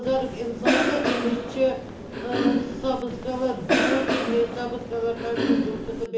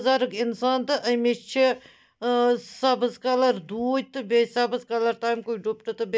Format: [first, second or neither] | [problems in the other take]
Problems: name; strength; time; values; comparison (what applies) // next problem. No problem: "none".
second | background sound (Cough); 1 dB above the speech // room echo; dies away in 0.7 s